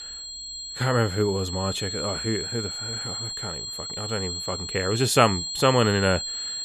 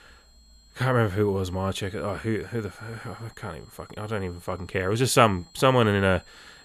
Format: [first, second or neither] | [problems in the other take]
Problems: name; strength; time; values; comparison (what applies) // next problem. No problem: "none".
second | high-pitched whine; loud; throughout; 4 kHz, 5 dB below the speech; faint in the second